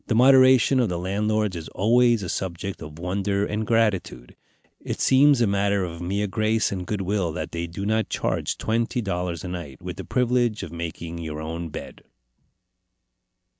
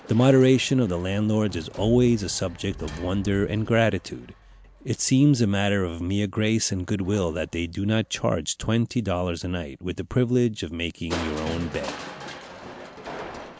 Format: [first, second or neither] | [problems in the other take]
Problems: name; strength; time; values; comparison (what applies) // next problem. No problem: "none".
first | background sound (Crushing); 17 dB below the speech